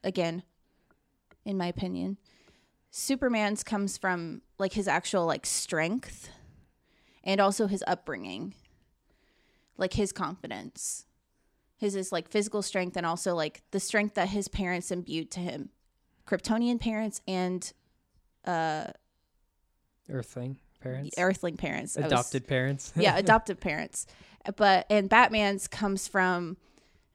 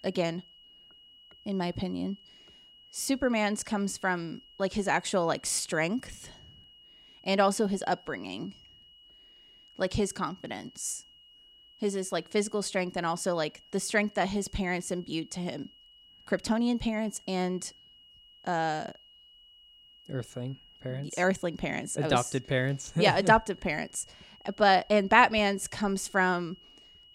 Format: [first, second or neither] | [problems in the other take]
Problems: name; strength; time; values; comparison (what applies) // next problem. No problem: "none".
first | high-pitched whine; faint; throughout; 3 kHz, 25 dB below the speech